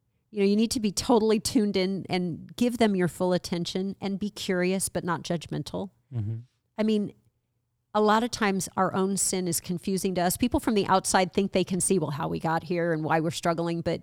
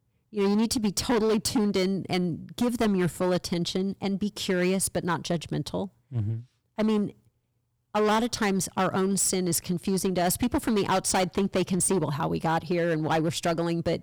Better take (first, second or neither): first